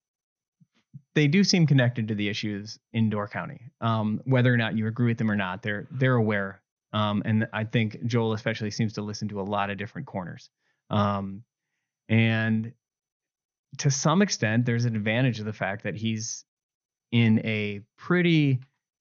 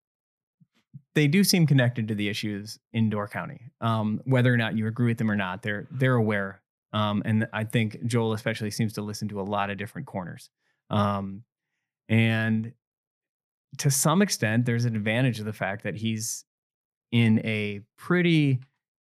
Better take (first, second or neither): second